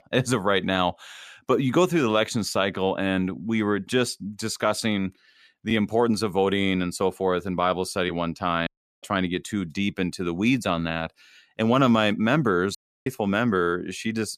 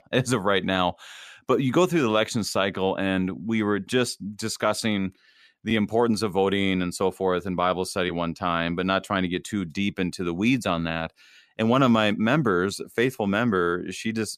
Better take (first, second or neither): second